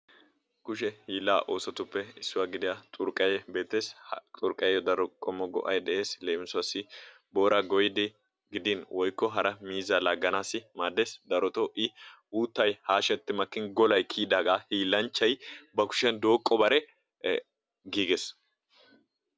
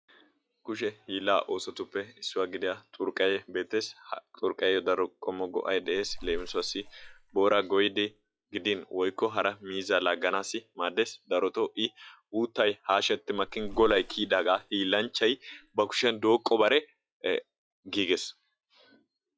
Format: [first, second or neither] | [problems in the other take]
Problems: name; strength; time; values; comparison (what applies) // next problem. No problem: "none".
first | noise reduction (classical method log-MMSE)